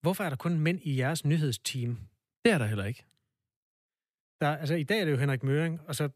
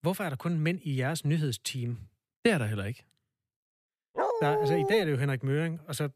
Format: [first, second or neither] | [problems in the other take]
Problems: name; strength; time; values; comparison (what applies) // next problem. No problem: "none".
first | dog barking; loud; at 4 s; peak 2 dB above the speech